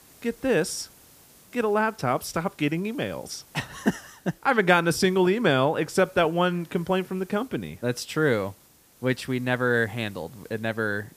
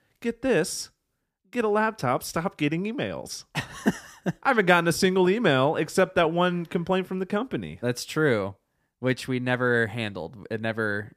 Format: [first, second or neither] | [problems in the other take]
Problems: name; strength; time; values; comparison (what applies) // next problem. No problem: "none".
second | hiss; faint; throughout; 25 dB below the speech